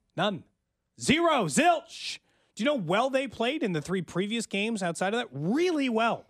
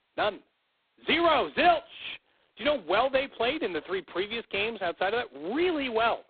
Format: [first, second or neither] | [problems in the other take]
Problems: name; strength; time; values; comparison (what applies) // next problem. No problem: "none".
first | phone-call audio; poor line; nothing above 3.5 kHz